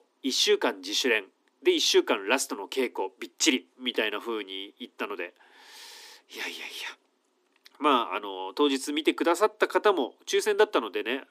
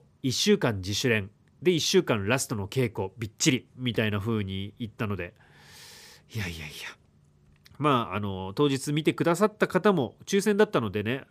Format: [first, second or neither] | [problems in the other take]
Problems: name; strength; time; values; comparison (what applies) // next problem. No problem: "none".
second | thin; somewhat; fading below 250 Hz